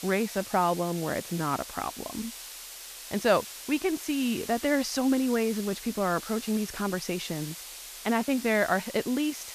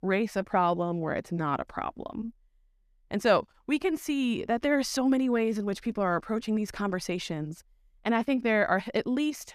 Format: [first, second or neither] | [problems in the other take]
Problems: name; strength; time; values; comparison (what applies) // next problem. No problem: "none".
second | hiss; noticeable; throughout; 10 dB below the speech